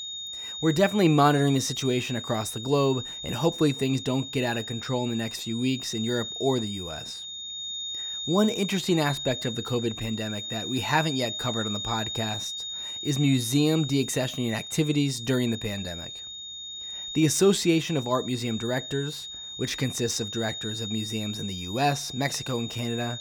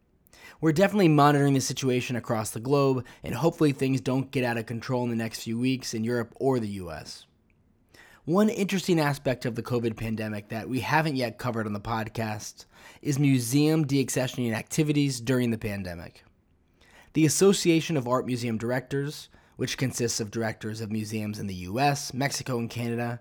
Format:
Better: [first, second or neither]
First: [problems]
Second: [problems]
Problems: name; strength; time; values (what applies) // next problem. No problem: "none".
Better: second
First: high-pitched whine; loud; throughout; 3.5 kHz, 7 dB below the speech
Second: none